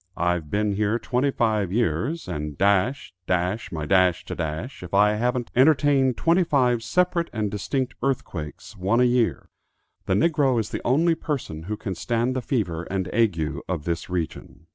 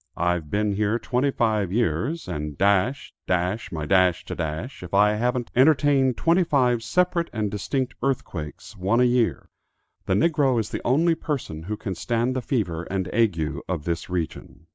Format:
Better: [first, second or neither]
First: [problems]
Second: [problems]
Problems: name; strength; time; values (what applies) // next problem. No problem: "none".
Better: first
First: none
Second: noise reduction (neural mask model Resemble Enhance denoiser)